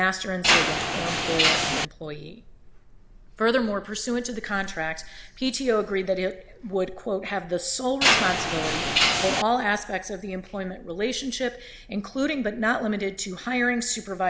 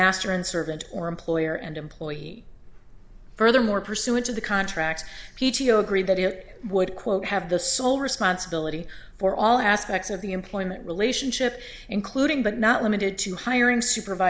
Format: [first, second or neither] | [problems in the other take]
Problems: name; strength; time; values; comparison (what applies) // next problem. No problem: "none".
second | background sound (Mechanisms); 1 dB above the speech